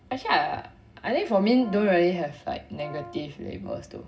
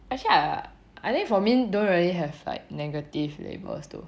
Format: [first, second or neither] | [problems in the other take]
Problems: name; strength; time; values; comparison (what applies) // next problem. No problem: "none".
second | background sound (Brass instrument); 19 dB below the speech // room echo; dies away in 0.4 s